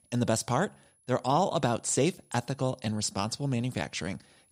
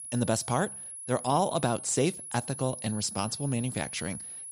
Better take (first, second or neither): first